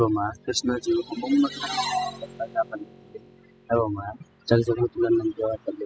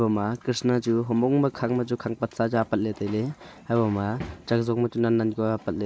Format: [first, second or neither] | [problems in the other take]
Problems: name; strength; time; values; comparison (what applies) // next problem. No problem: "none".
second | noise reduction (classical method spectral subtraction)